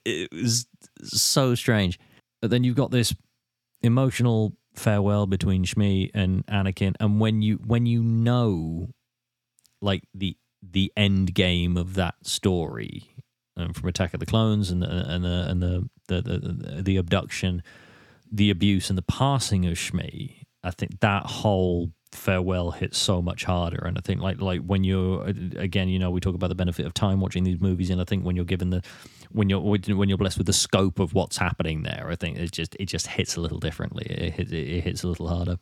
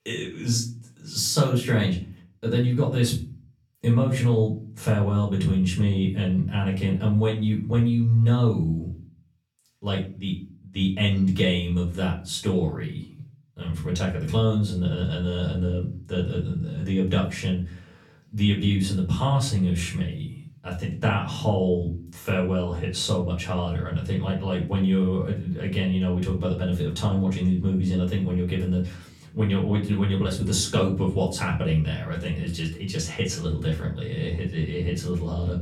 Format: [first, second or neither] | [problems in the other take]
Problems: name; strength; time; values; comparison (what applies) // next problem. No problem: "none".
first | off-mic speech; far // room echo; slight; dies away in 0.4 s